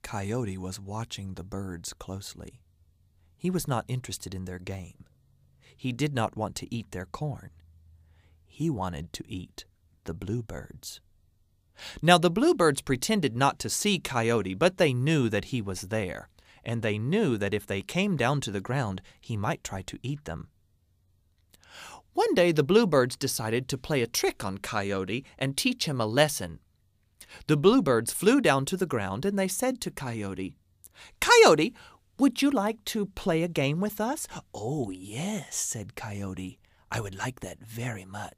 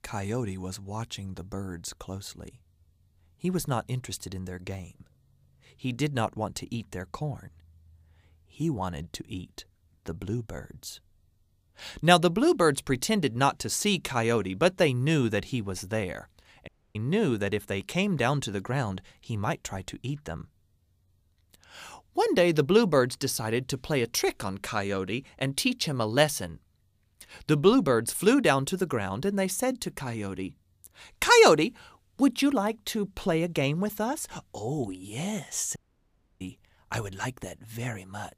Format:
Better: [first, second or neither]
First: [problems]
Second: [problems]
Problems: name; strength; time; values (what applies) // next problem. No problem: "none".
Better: first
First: none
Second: audio cutting out; at 17 s and at 36 s for 0.5 s